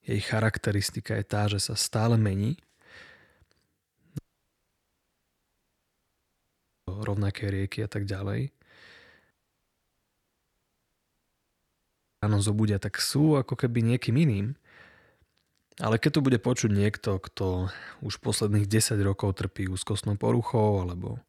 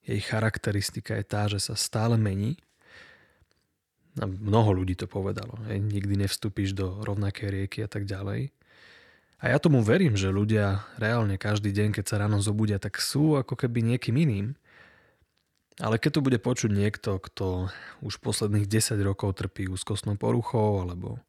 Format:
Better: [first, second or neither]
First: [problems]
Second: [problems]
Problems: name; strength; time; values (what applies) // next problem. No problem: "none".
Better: second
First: audio cutting out; at 4 s for 2.5 s and at 9.5 s for 3 s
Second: none